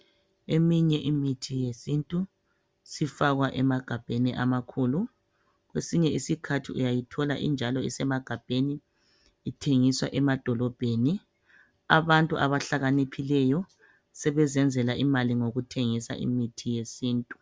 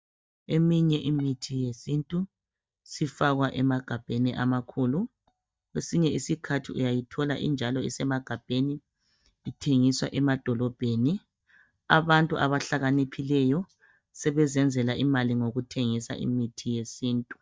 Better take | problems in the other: first | noise reduction (neural mask model DeepFilterNet 3)

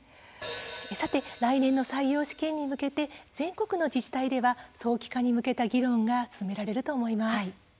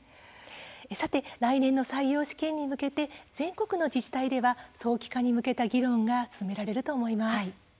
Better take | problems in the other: second | background sound (Hi-hat); 18 dB below the speech

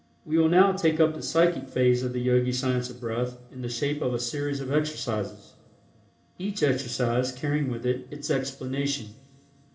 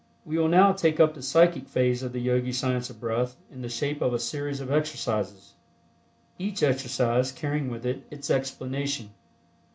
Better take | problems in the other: second | room echo; dies away in 1.5 s

